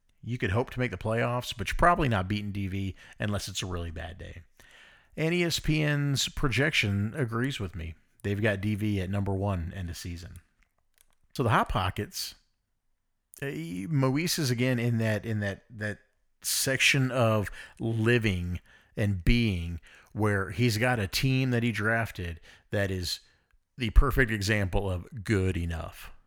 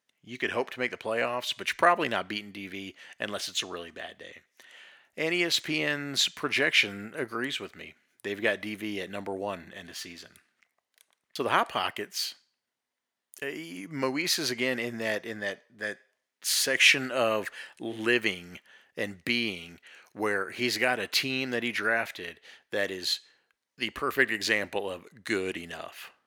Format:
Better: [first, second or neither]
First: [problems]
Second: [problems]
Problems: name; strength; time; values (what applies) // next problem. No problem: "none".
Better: first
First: none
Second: thin; somewhat; fading below 350 Hz